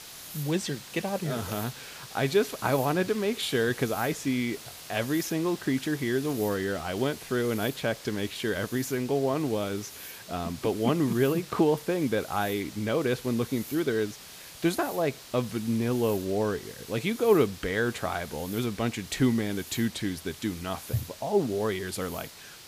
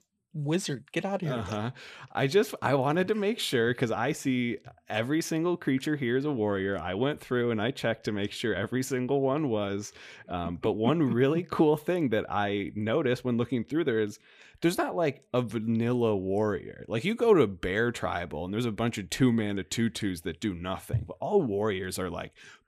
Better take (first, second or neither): second